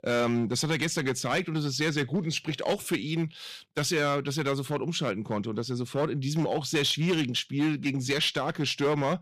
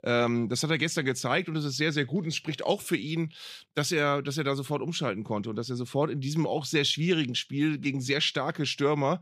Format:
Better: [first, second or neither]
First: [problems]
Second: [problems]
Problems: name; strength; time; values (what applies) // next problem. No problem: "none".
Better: second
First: distortion; slight; 6% of the sound clipped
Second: none